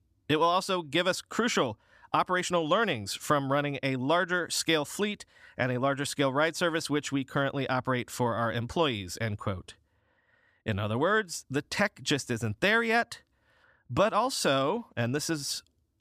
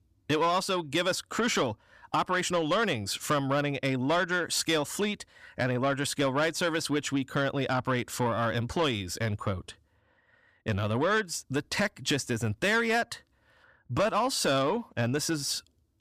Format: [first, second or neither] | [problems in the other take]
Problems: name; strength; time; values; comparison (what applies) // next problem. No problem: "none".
first | distortion; slight; 10 dB below the speech